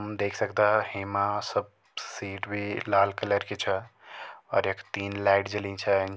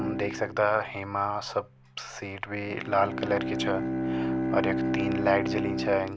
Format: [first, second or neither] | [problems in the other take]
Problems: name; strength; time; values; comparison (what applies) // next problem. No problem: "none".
first | background sound (Bowed string instrument); 2 dB below the speech